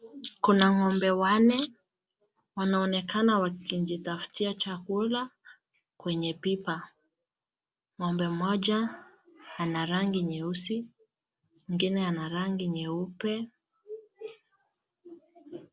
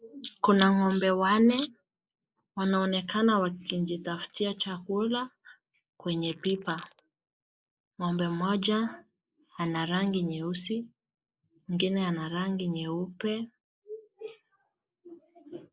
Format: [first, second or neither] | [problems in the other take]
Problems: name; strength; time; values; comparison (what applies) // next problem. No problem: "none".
first | noise reduction (neural mask model Resemble Enhance denoiser)